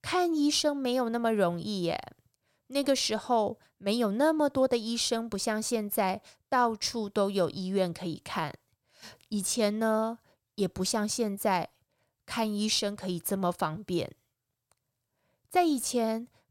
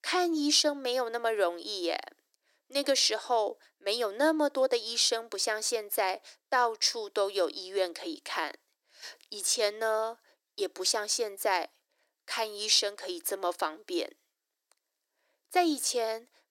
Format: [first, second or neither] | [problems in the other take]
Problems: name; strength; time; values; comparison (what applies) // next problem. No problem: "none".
first | thin; somewhat; fading below 300 Hz